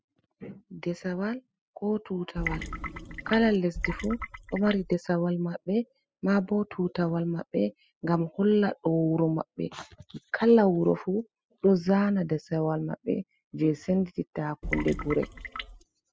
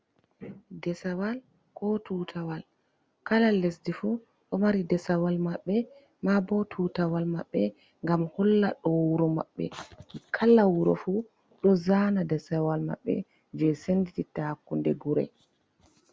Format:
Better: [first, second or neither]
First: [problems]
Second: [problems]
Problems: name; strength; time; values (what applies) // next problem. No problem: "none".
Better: second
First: noise reduction (classical method spectral subtraction)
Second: none